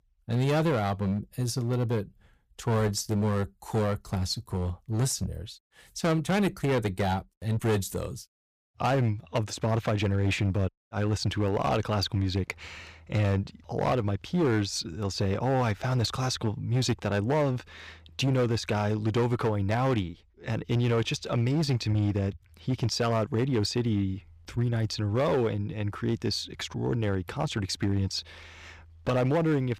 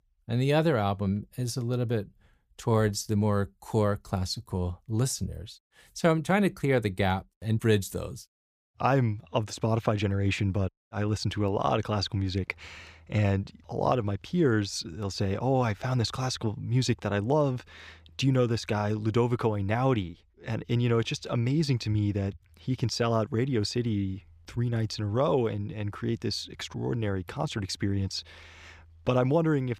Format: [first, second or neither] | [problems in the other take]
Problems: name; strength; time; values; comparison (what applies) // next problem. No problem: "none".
second | distortion; slight; 10% of the sound clipped